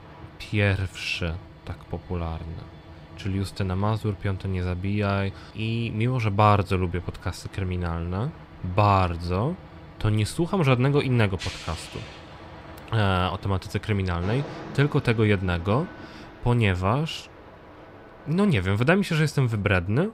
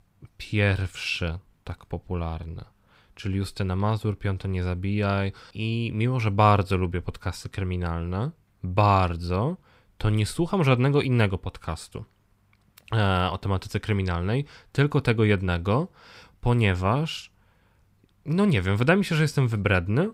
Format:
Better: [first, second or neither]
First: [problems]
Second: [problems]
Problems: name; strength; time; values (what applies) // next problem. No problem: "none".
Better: second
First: train or aircraft noise; noticeable; throughout; 20 dB below the speech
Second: none